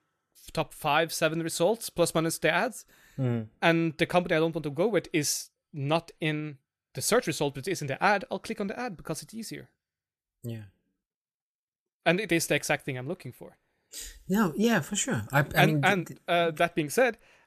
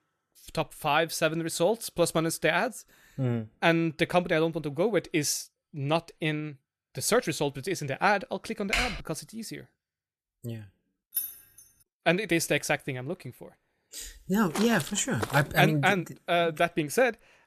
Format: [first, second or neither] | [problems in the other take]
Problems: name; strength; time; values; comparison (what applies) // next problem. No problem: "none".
first | keyboard typing; noticeable; at 8.5 s; peak 1 dB below the speech // jangling keys; noticeable; at 11 s; peak 5 dB below the speech // footsteps; noticeable; at 15 s; peak 8 dB below the speech